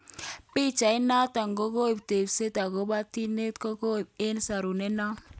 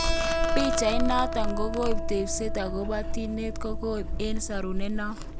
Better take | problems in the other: first | background sound (Keyboard (musical) + Domestic sounds, home sounds); 3 dB above the speech

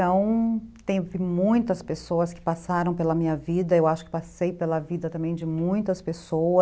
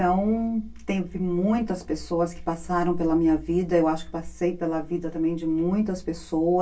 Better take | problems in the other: first | room echo; dies away in 0.1 s

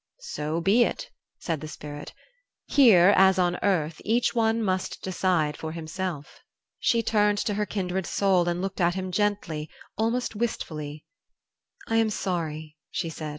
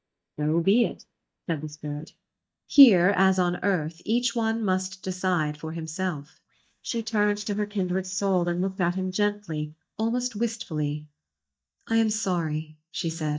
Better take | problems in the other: first | noise reduction (neural mask model DeepFilterNet 3)

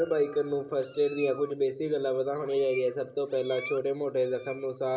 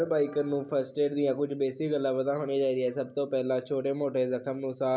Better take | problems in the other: second | background sound (Meow); 19 dB below the speech // room echo; dies away in 2.2 s

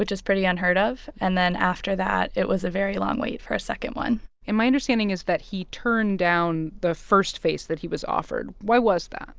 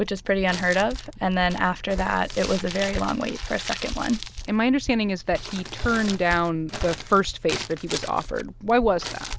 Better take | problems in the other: first | background sound (Crumpling, crinkling + Walk, footsteps); 10 dB below the speech

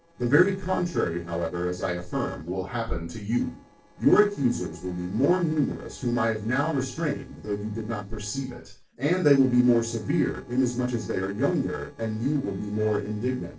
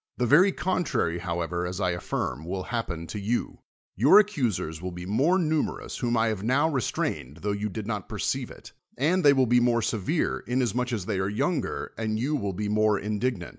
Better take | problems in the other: second | noise reduction (neural separator model SepFormer DNS4)

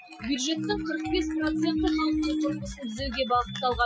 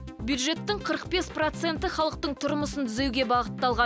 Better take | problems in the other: second | noise reduction (classical method Wiener filter)

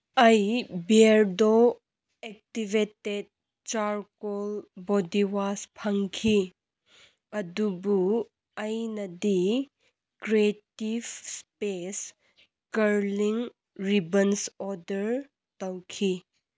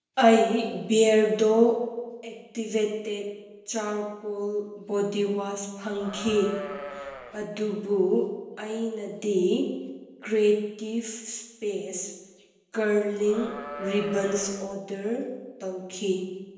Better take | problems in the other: first | noise reduction (neural separator model SepFormer DNS4)

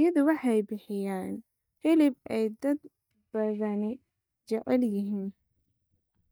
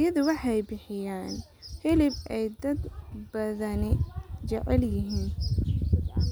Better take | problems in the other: second | noise reduction (neural mask model DeepFilterNet 3)

